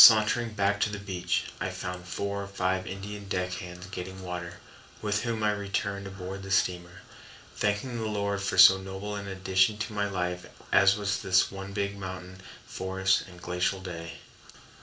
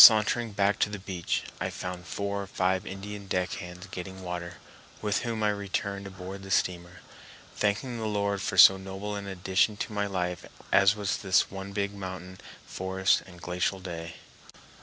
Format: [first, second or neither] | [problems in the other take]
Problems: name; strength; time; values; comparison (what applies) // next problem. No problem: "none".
second | room echo; dies away in 0.3 s